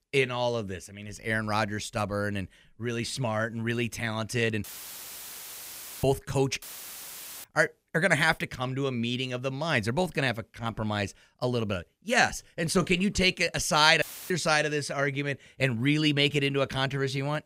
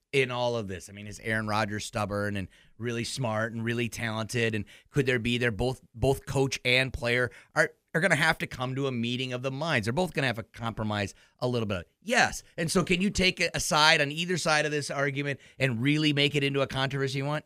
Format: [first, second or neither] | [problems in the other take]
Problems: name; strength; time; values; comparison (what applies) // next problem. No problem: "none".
second | audio cutting out; filled with static; at 4.5 s for 1.5 s, at 6.5 s for 1 s and at 14 s